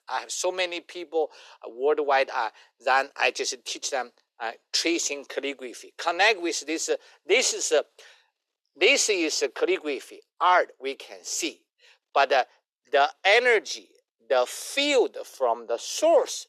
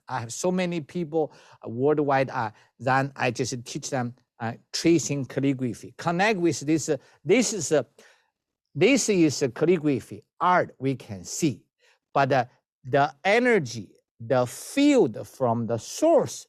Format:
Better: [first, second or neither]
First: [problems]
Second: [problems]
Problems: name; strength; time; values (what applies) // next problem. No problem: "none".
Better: second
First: thin; very; fading below 400 Hz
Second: none